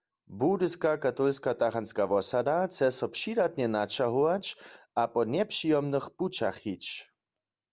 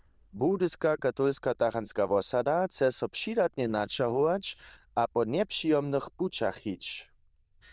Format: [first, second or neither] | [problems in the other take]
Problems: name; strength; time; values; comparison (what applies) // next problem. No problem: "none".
first | noise reduction (neural diffusion model UNIVERSE++)